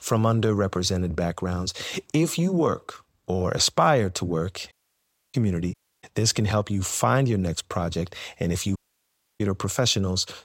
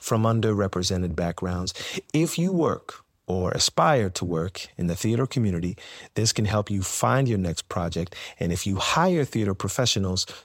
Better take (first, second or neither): second